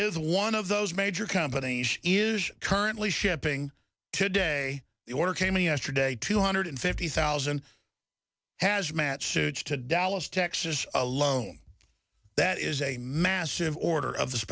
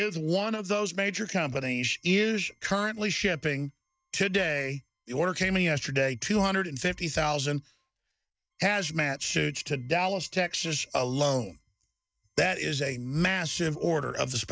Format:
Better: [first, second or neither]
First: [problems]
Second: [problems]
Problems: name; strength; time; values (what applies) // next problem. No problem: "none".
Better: first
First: none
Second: noise reduction (neural mask model DeepFilterNet 3)